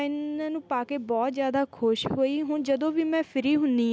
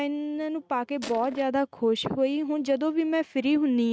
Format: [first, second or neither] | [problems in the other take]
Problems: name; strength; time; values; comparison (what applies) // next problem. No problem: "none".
first | noise reduction (neural mask model RNNoise)